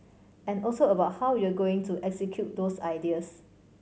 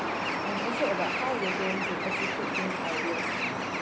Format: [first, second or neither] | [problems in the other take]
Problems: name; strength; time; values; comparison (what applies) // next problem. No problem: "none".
first | background sound (Bird); 5 dB above the speech